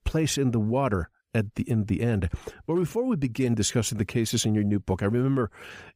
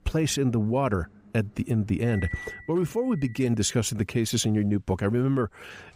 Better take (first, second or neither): first